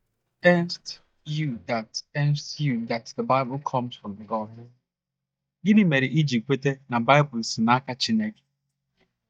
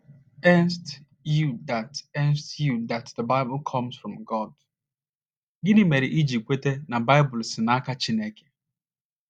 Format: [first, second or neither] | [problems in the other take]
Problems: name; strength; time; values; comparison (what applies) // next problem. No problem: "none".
second | noise reduction (neural mask model DeepFilterNet 3)